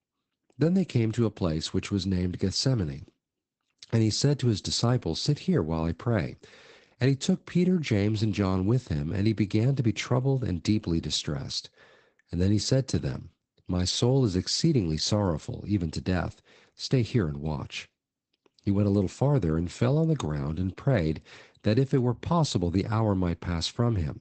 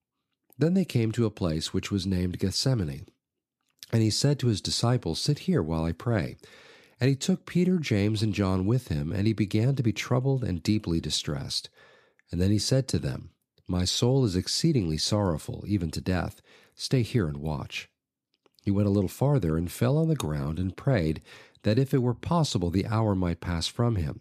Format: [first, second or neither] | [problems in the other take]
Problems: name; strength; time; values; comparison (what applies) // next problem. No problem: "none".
second | garbled, watery; badly; nothing above 8 kHz